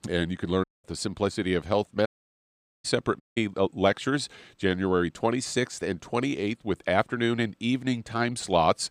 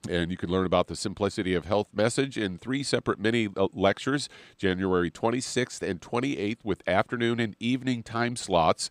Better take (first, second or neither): second